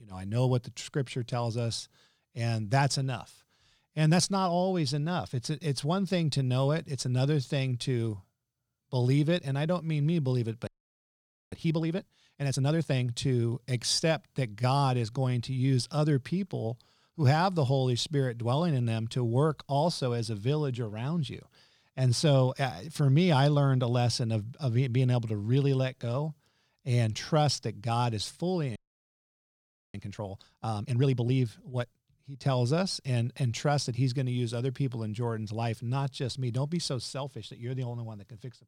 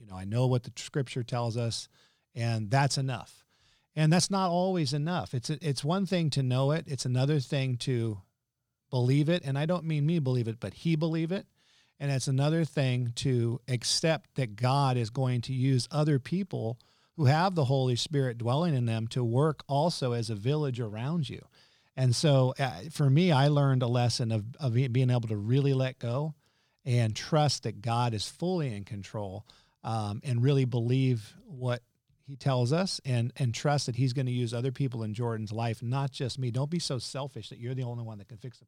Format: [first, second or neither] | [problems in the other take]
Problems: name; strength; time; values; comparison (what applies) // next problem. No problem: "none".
second | audio freezing; at 11 s for 1 s and at 29 s for 1 s